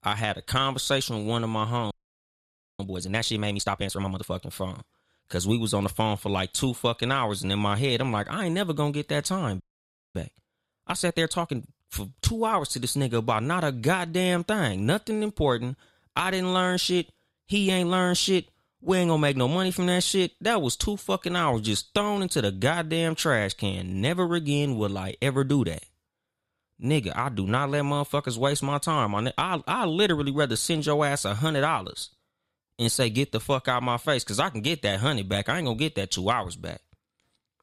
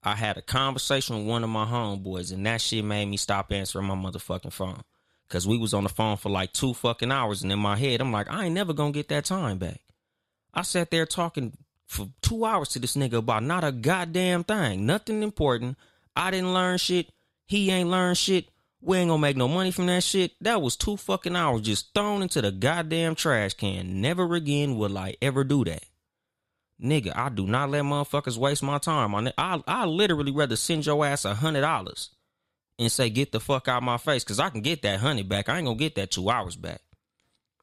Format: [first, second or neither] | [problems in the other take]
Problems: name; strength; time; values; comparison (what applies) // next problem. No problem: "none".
second | audio freezing; at 2 s for 1 s and at 9.5 s for 0.5 s